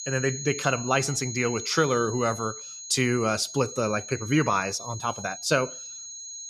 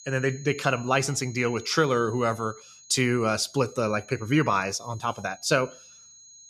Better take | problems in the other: second | high-pitched whine; loud; throughout; 6.5 kHz, 9 dB below the speech; faint in the second

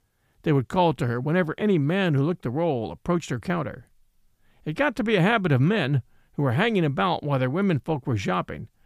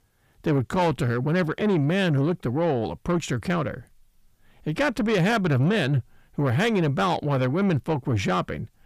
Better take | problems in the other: first | distortion; slight; 10 dB below the speech

